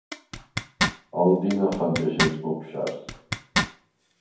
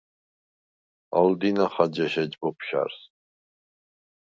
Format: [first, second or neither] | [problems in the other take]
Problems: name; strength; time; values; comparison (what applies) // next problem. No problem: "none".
second | background sound (Zipper (clothing)); 4 dB below the speech // room echo; dies away in 0.9 s